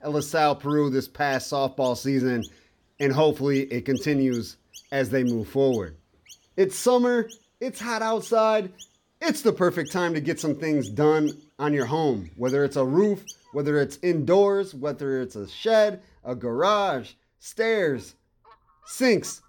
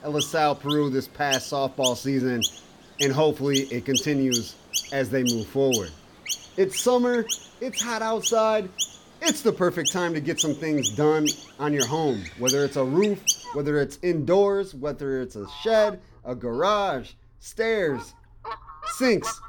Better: first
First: animal sounds; faint; throughout; 25 dB below the speech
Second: animal sounds; loud; throughout; 4 dB below the speech

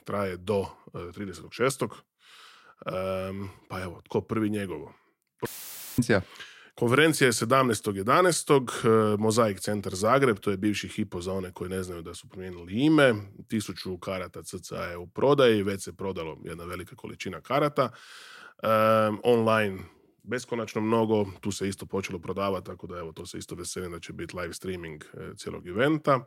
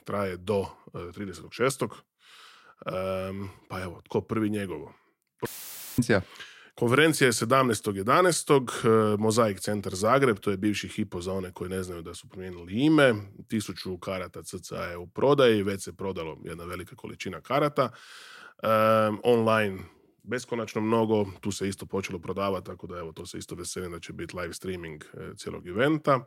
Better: neither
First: audio cutting out; filled with static; at 5.5 s for 0.5 s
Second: audio cutting out; filled with static; at 5.5 s for 0.5 s

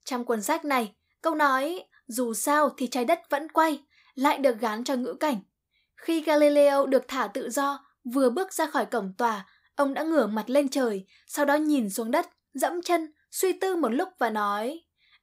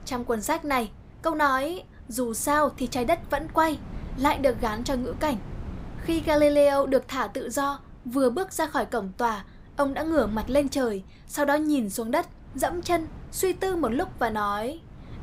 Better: first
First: none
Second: wind noise on the microphone; occasional gusts; 25 dB below the speech

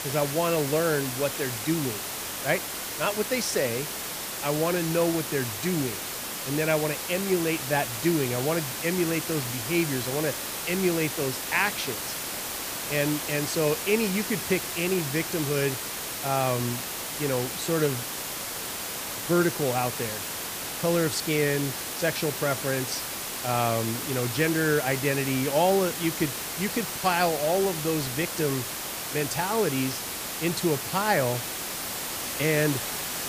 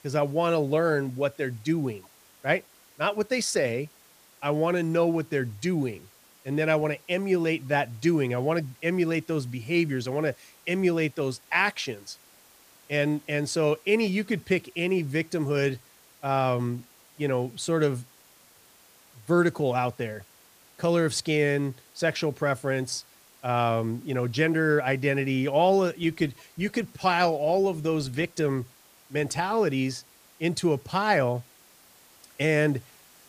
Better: second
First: hiss; loud; throughout; 3 dB below the speech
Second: hiss; faint; throughout; 25 dB below the speech

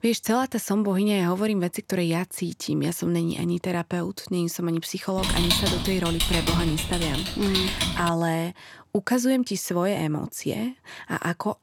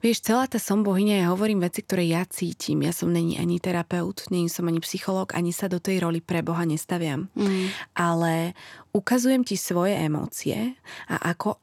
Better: second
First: keyboard typing; loud; from 5 to 8 s; peak 4 dB above the speech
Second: none

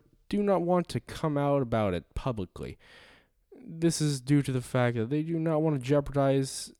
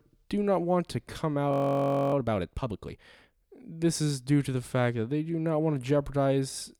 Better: first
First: none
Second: audio freezing; at 1.5 s for 0.5 s

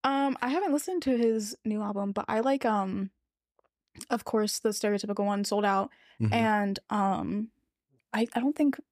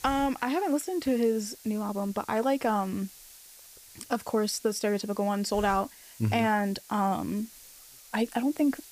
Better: first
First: none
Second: hiss; noticeable; throughout; 20 dB below the speech

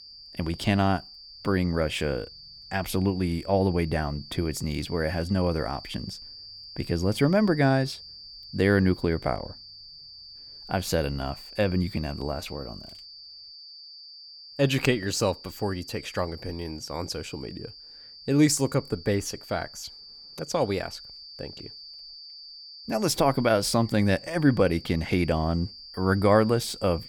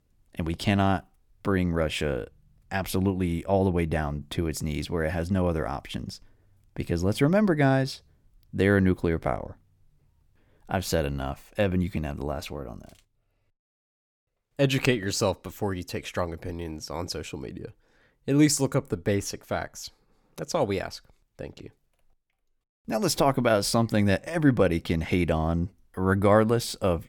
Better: second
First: high-pitched whine; noticeable; throughout; 4.5 kHz, 15 dB below the speech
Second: none

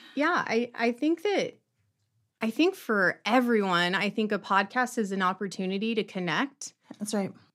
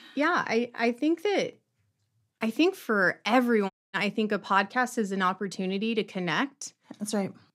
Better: first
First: none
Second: audio cutting out; at 3.5 s

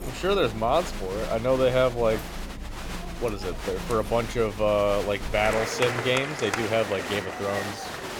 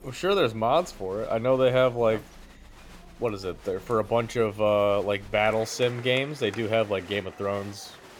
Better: second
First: crowd noise; loud; throughout; 7 dB below the speech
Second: crowd noise; faint; throughout; 20 dB below the speech

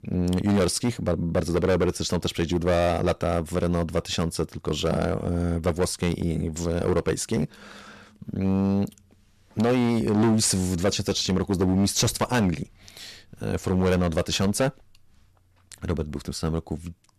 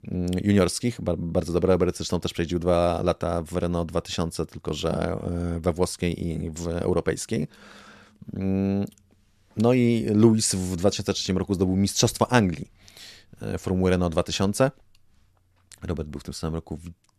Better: second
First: distortion; heavy; 9% of the sound clipped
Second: none

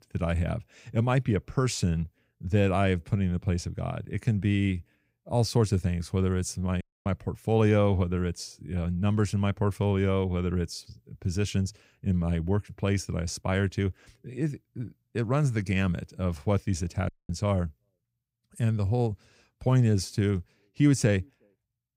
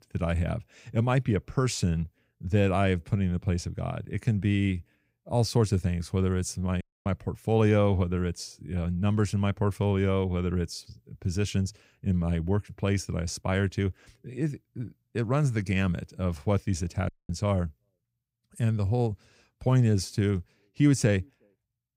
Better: neither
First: audio cutting out; at 7 s and at 17 s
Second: audio cutting out; at 7 s and at 17 s

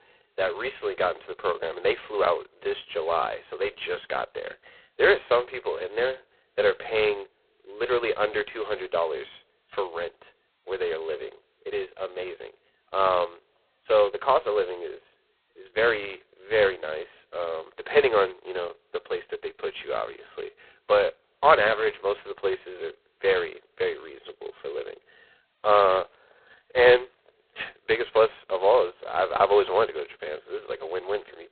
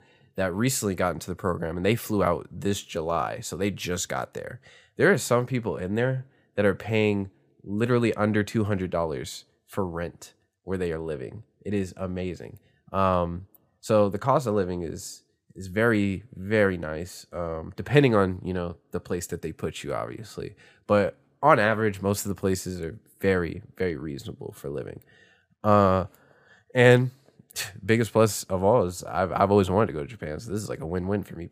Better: second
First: phone-call audio; poor line; nothing above 4 kHz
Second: none

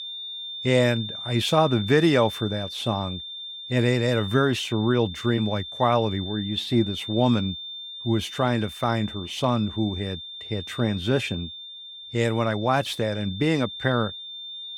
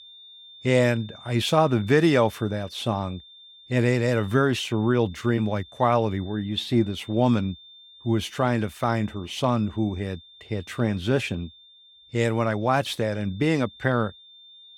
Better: second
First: high-pitched whine; loud; throughout; 3.5 kHz, 10 dB below the speech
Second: high-pitched whine; faint; throughout; 3.5 kHz, 20 dB below the speech

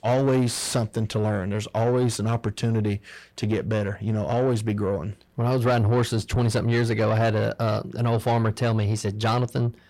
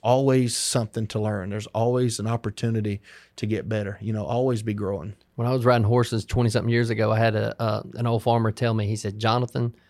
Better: second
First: distortion; slight; 10 dB below the speech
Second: none

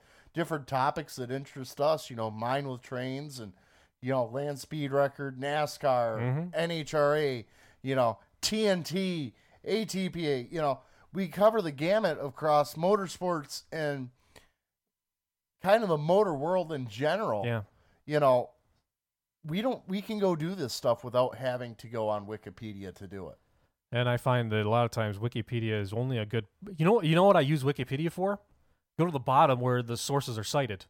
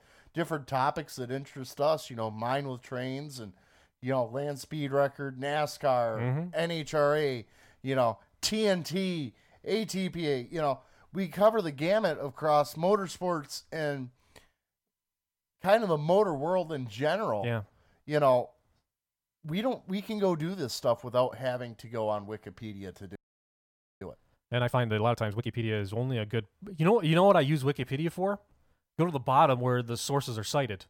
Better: first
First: none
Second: audio freezing; at 23 s for 1 s

